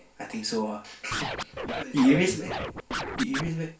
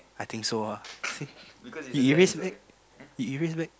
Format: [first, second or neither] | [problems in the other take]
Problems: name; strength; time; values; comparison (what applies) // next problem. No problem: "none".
second | background sound (Scratching (performance technique)); 5 dB below the speech // room echo; dies away in 0.3 s